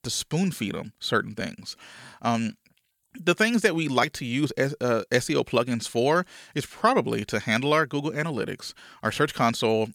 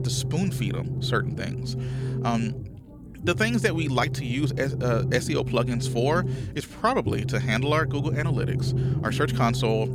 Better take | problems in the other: first | low rumble; noticeable; throughout; 10 dB below the speech

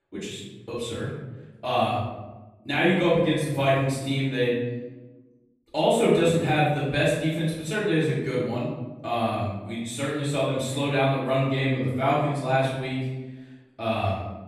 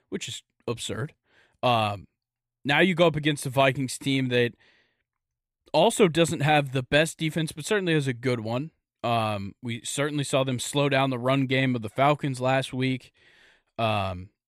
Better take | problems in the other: second | off-mic speech; far // room echo; noticeable; dies away in 1 s

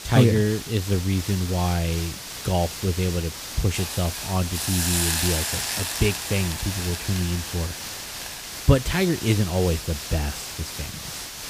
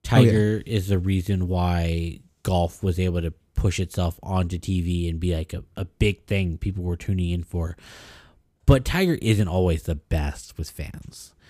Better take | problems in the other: second | hiss; loud; throughout; 4 dB below the speech

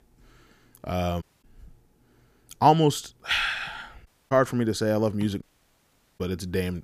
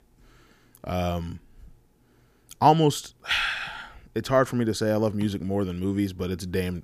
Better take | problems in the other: second | audio cutting out; at 1 s, at 4 s and at 5.5 s for 1 s

